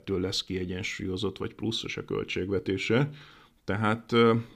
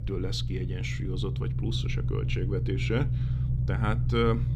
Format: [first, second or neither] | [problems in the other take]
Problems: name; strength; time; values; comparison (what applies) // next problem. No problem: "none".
first | low rumble; loud; throughout; 8 dB below the speech